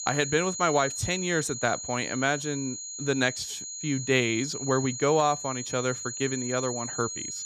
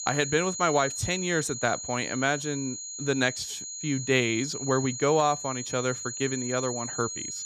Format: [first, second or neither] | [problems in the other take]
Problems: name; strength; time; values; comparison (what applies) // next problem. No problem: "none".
neither | high-pitched whine; loud; throughout; 6.5 kHz, 6 dB below the speech; the same in both